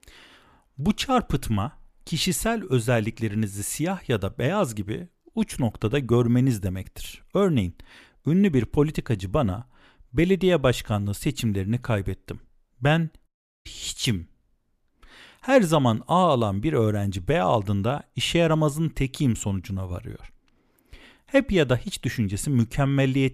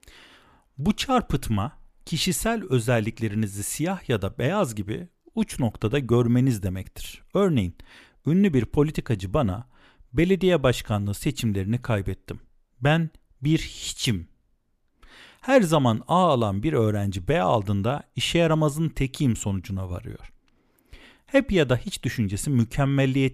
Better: second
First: audio cutting out; at 13 s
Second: none

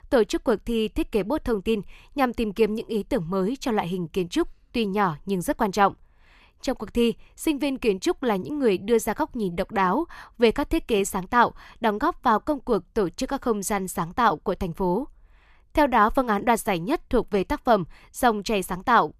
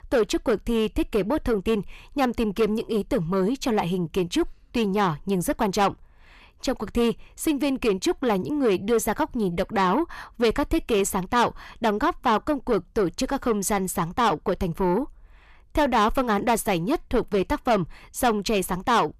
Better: first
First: none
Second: distortion; slight; 10 dB below the speech

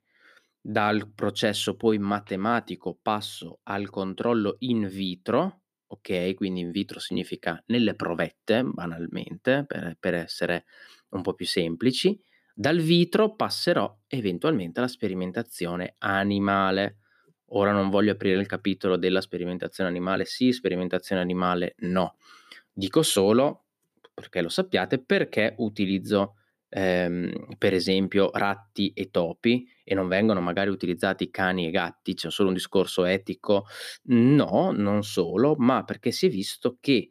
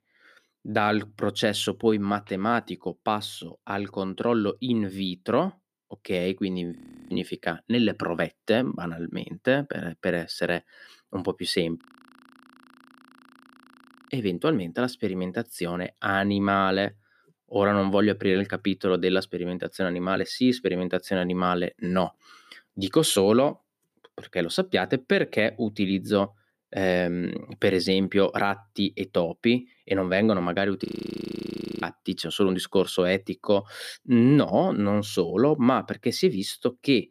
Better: first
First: none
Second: audio freezing; at 7 s, at 12 s for 2.5 s and at 31 s for 1 s

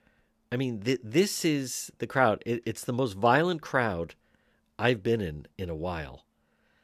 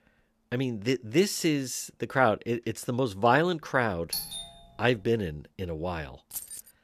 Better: first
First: none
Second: doorbell; noticeable; at 4 s; peak 4 dB below the speech // jangling keys; noticeable; at 6.5 s; peak 9 dB below the speech

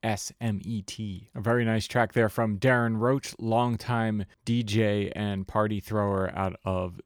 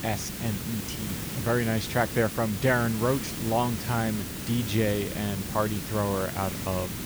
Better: first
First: none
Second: hiss; loud; throughout; 5 dB below the speech

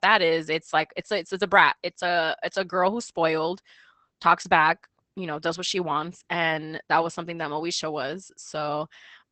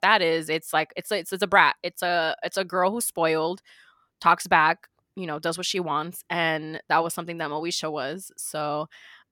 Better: second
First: garbled, watery; badly; nothing above 8 kHz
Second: none

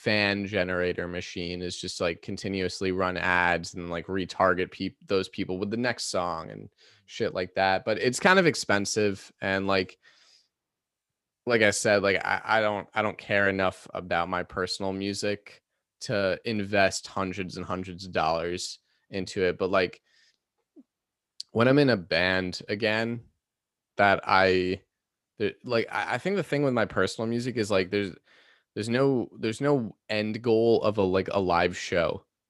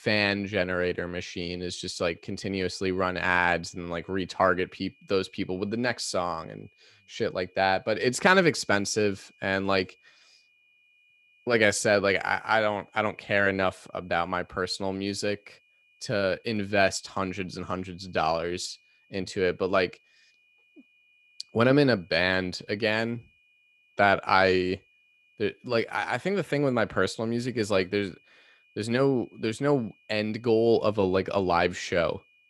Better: first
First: none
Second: high-pitched whine; faint; throughout; 2.5 kHz, 35 dB below the speech

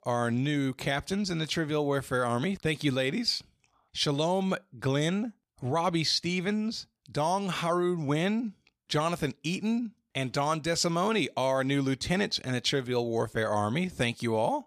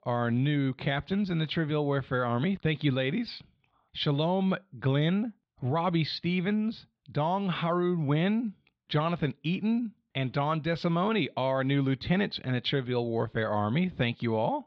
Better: first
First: none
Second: muffled; slightly; fading above 3.5 kHz

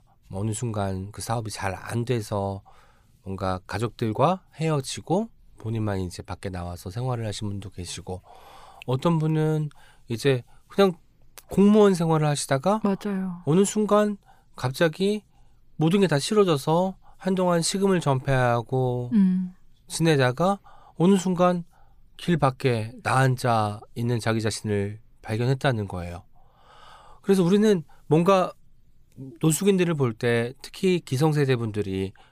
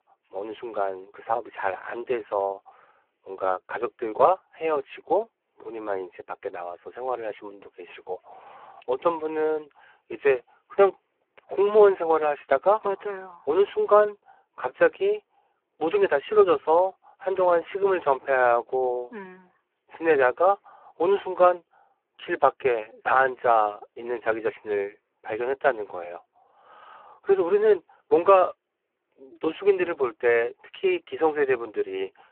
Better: first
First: none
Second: phone-call audio; poor line

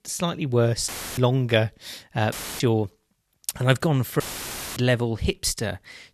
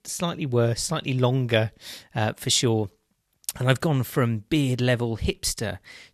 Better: second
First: audio cutting out; filled with static; at 1 s, at 2.5 s and at 4 s for 0.5 s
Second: none

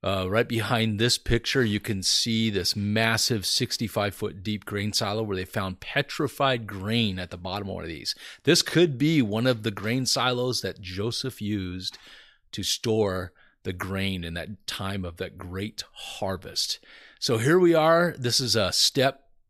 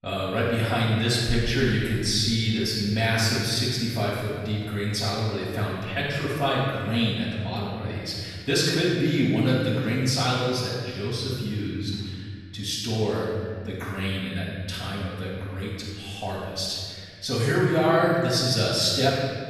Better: first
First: none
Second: room echo; strong; dies away in 2.2 s // off-mic speech; far

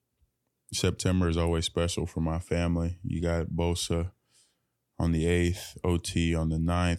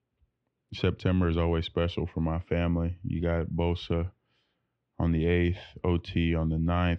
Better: first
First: none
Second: muffled; very; fading above 3 kHz

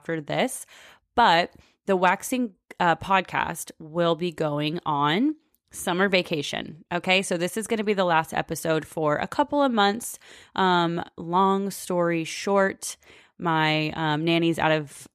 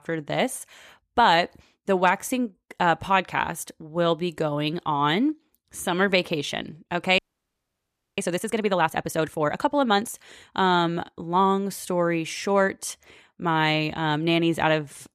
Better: first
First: none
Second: audio freezing; at 7 s for 1 s

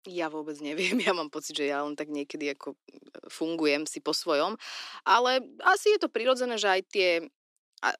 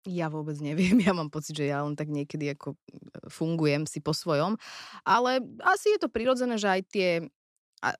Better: second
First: thin; somewhat; fading below 300 Hz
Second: none

